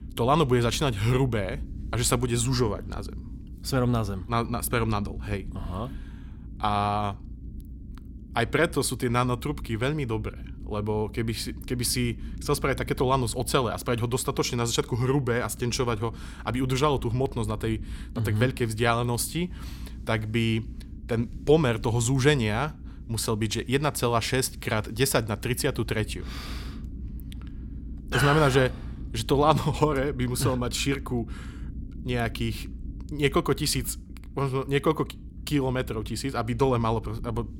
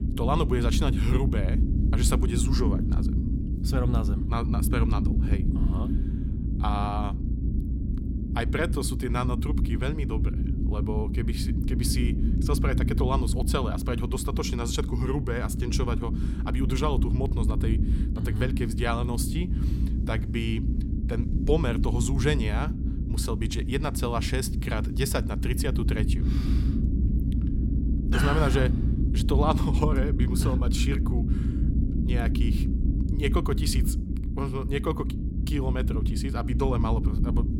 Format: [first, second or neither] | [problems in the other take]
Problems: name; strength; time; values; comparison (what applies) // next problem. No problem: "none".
first | low rumble; loud; throughout; 6 dB below the speech; faint in the first